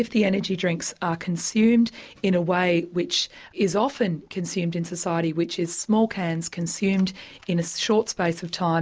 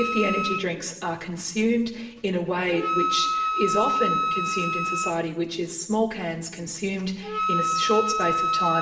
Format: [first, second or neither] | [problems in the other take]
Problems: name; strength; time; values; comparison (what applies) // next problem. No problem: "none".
first | background sound (Wind instrument, woodwind instrument); 1 dB below the speech // room echo; dies away in 0.8 s